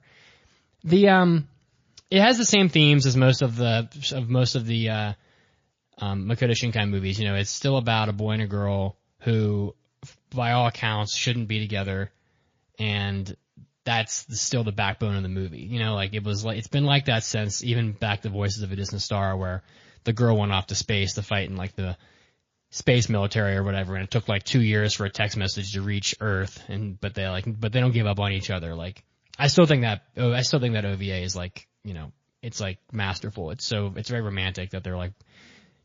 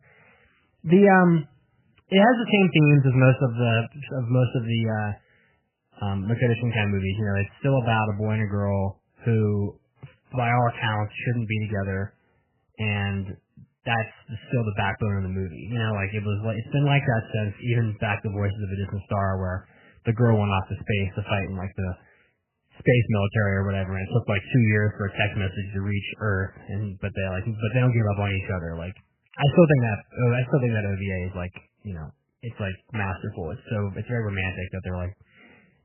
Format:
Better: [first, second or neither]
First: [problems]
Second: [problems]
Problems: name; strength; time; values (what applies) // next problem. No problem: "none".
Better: first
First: garbled, watery; slightly; nothing above 6.5 kHz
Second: garbled, watery; badly; nothing above 3 kHz